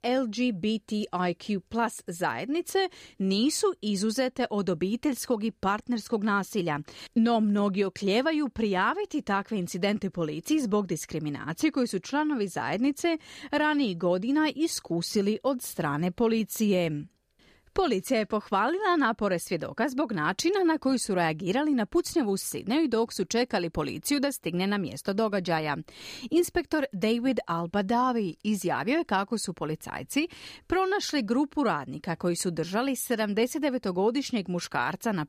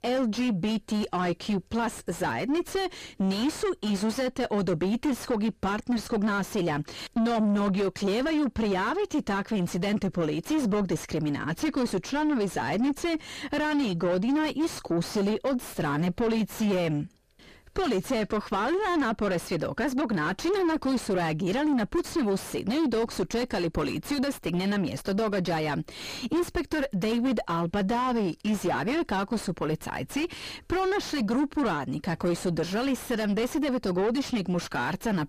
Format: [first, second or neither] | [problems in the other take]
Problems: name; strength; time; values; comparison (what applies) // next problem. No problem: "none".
first | distortion; heavy; 5 dB below the speech